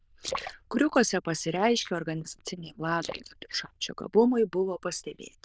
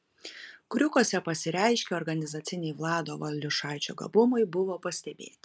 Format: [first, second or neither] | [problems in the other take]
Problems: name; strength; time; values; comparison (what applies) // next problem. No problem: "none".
second | noise reduction (neural diffusion model UNIVERSE++)